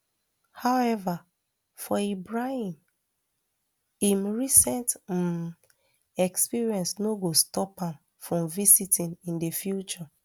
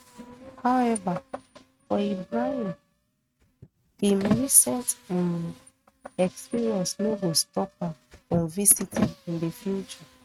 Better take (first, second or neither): first